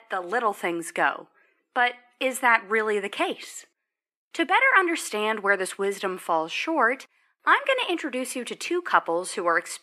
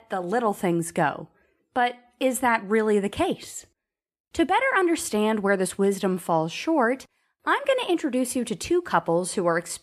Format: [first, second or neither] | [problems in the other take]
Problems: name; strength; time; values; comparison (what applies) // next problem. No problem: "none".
second | thin; somewhat; fading below 300 Hz